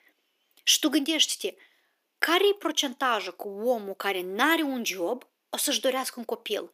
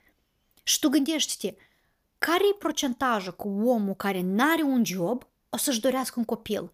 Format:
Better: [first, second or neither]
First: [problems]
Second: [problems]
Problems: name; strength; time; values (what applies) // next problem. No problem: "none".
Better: second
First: thin; very slightly; fading below 300 Hz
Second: none